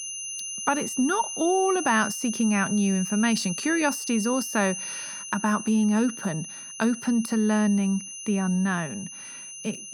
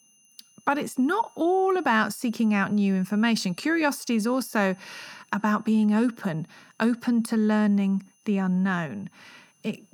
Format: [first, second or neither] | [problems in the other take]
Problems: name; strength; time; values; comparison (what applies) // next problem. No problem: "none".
second | high-pitched whine; loud; throughout; 6 kHz, 8 dB below the speech; faint in the second